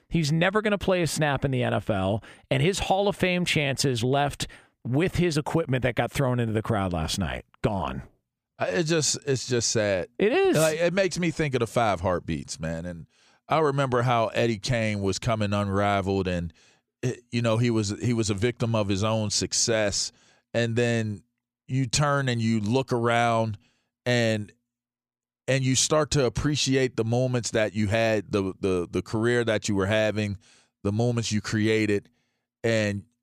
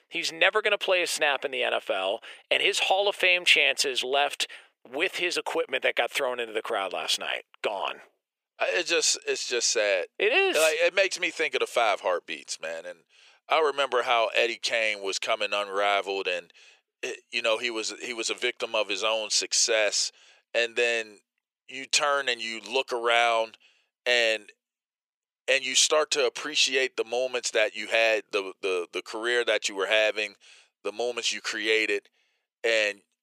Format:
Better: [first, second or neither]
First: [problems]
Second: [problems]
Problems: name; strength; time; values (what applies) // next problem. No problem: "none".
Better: first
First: none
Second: thin; very; fading below 450 Hz